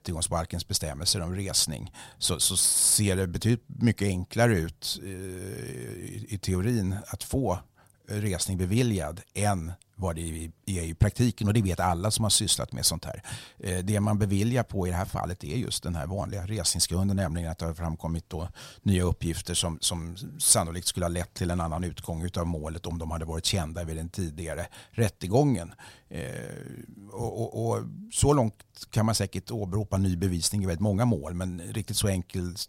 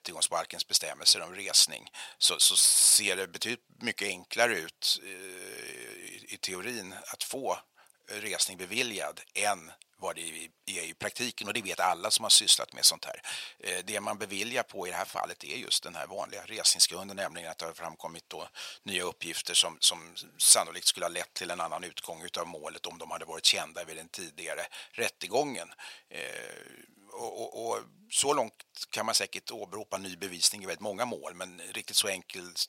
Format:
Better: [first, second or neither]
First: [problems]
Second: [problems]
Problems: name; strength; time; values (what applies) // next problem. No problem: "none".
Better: first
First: none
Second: thin; very; fading below 550 Hz